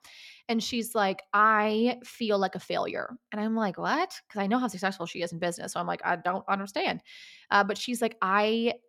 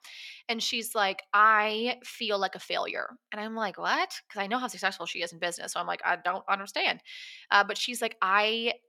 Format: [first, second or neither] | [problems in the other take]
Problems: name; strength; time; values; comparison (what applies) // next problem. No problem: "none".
first | thin; somewhat; fading below 750 Hz